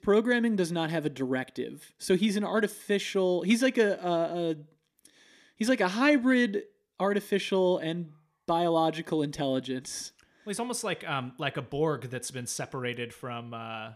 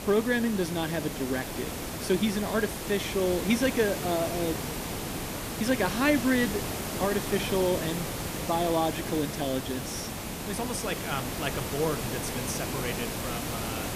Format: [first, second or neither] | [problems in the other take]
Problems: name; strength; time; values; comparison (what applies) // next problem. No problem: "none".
first | hiss; loud; throughout; 4 dB below the speech